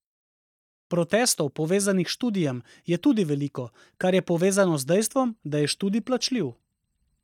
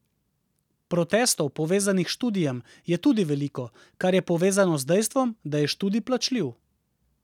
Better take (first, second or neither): second